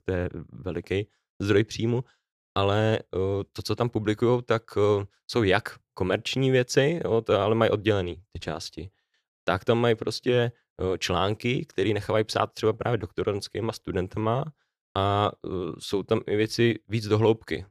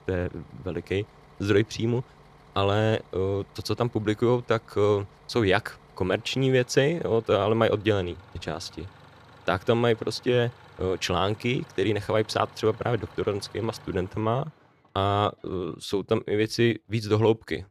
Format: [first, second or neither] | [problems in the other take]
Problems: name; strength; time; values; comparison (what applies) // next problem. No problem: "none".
first | traffic noise; faint; throughout; 25 dB below the speech